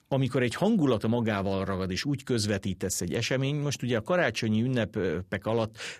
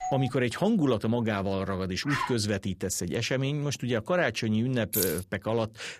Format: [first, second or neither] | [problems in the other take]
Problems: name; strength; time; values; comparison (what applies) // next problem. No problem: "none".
first | doorbell; noticeable; at the start; peak 7 dB below the speech // dog barking; noticeable; at 2 s; peak 3 dB below the speech // jangling keys; noticeable; at 5 s; peak level with the speech